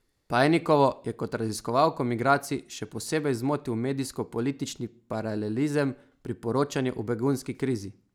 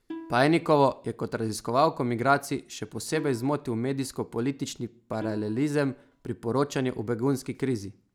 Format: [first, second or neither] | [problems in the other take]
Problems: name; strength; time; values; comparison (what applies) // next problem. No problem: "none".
first | background sound (Plucked string instrument); 17 dB below the speech